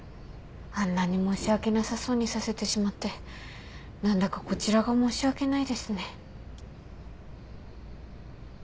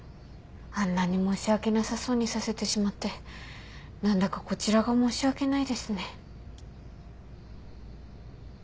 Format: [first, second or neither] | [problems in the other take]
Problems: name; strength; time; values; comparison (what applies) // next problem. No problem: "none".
second | background sound (Whoosh, swoosh, swish + Subway, metro, underground); 17 dB below the speech